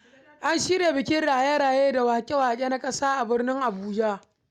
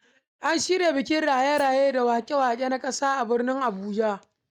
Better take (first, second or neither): first